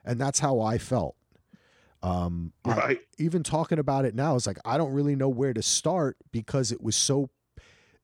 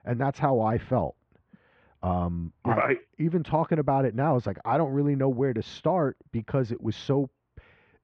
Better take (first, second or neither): first